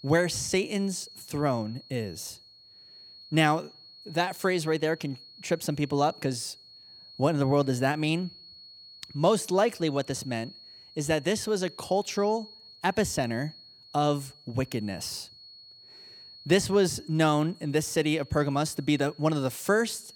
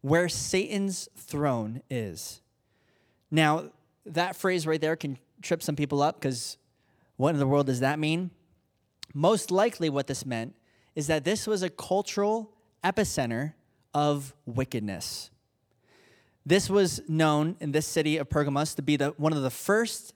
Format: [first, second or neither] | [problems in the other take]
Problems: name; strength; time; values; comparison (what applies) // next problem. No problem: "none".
second | high-pitched whine; faint; throughout; 4.5 kHz, 20 dB below the speech